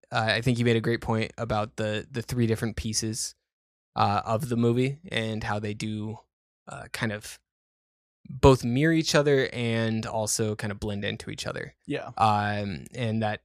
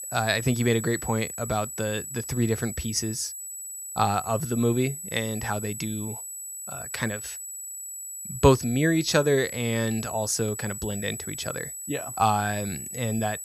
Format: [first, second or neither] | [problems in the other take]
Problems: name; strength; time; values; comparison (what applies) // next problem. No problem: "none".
first | high-pitched whine; loud; throughout; 8 kHz, 8 dB below the speech